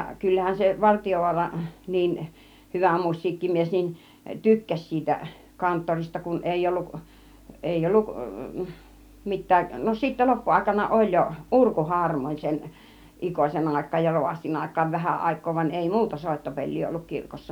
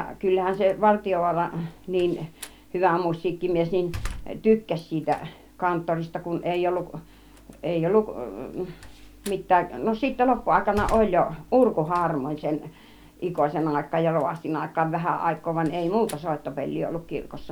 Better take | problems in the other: first | background sound (Slam); 18 dB below the speech

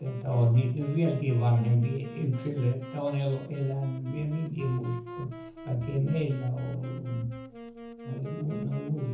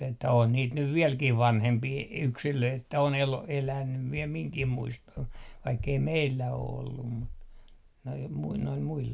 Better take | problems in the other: second | background sound (Wind instrument, woodwind instrument); 14 dB below the speech // room echo; dies away in 0.5 s

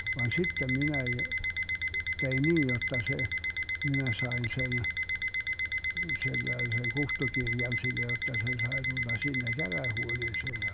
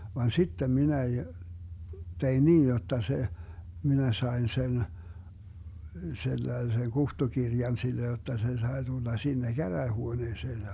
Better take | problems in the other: second | background sound (Alarm); 1 dB above the speech

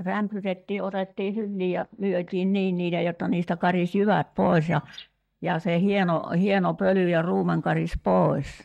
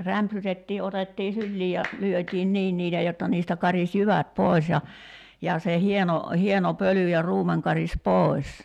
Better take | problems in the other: second | noise reduction (neural mask model DeepFilterNet 3)

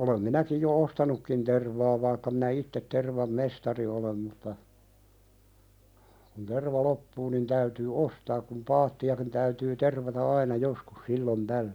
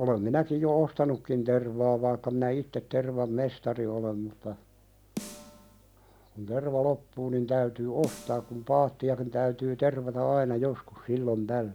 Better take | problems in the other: first | background sound (Snare drum); 17 dB below the speech

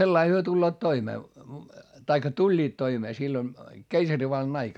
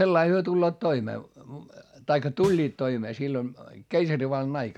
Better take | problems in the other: first | background sound (Snare drum); 13 dB below the speech

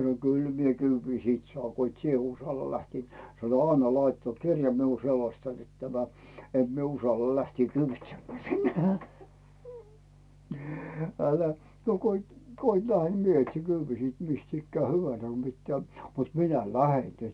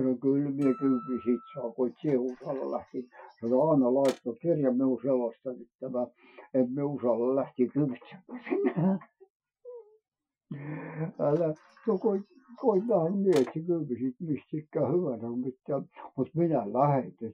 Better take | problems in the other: first | noise reduction (classical method Wiener filter)

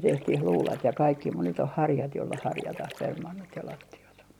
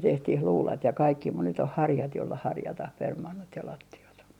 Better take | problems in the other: second | background sound (Splash, splatter); 18 dB below the speech

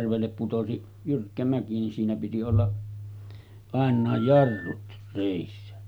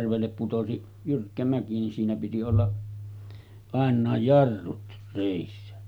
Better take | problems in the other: second | background sound (Telephone); 15 dB below the speech

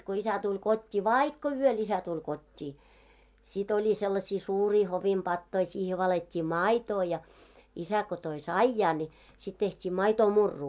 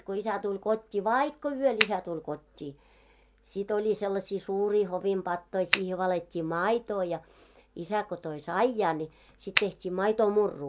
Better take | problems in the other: first | background sound (Finger snapping); as loud as the speech

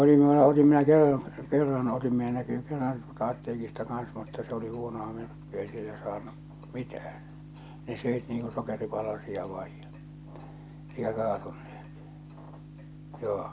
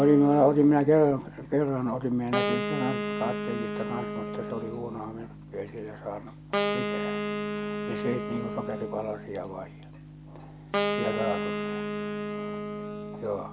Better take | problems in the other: first | background sound (Wind instrument, woodwind instrument); 5 dB below the speech

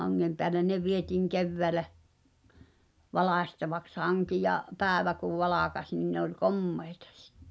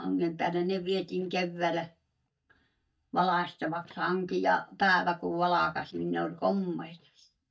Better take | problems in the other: first | noise reduction (neural mask model DeepFilterNet 3)

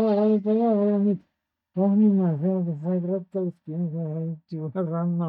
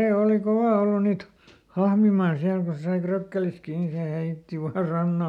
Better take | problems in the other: second | noise reduction (neural mask model DeepFilterNet 3)

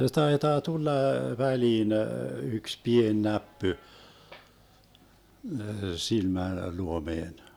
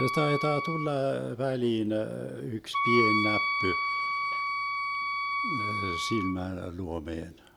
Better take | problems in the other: first | background sound (Wind instrument, woodwind instrument); as loud as the speech

